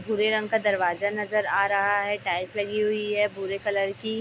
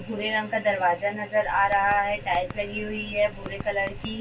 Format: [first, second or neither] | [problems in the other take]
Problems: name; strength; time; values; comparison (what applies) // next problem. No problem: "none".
first | background sound (Typing); 14 dB below the speech // room echo; dies away in 0.1 s